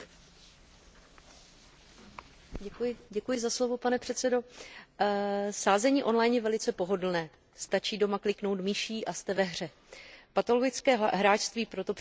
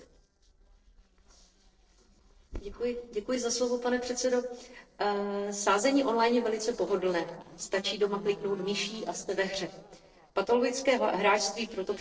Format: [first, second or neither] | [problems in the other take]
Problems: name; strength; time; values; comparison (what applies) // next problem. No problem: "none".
first | noise reduction (neural separator model SepFormer DNS4)